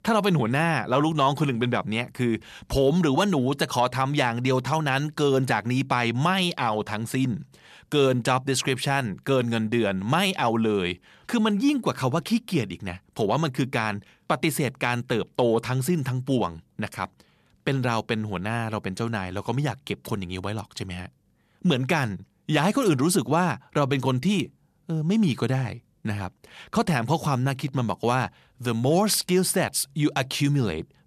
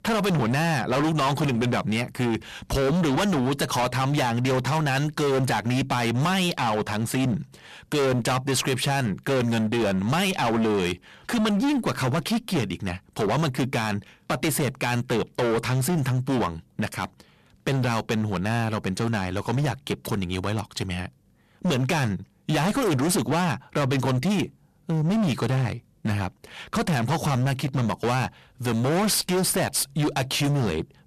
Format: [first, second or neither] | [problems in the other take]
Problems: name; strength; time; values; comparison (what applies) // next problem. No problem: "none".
first | distortion; heavy; 25% of the sound clipped